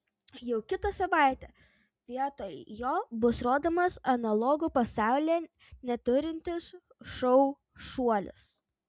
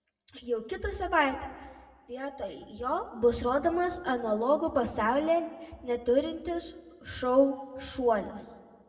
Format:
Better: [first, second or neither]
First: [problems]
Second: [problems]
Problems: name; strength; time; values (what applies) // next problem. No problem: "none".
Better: first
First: none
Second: room echo; dies away in 1.2 s